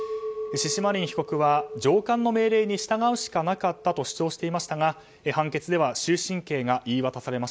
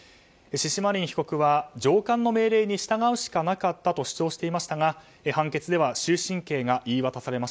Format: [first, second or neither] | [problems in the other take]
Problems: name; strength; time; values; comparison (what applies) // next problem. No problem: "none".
second | background sound (Chink, clink); 14 dB below the speech